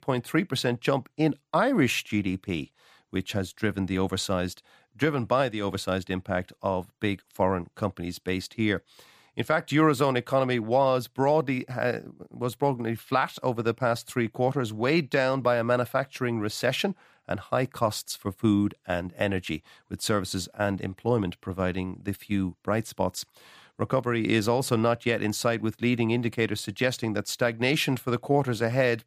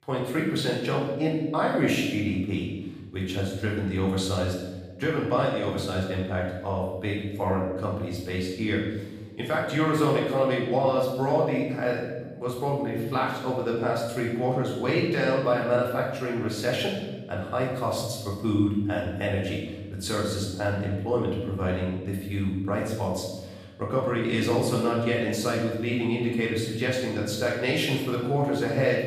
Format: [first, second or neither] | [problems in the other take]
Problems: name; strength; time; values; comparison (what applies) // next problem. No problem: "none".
first | room echo; noticeable; dies away in 1.1 s // off-mic speech; far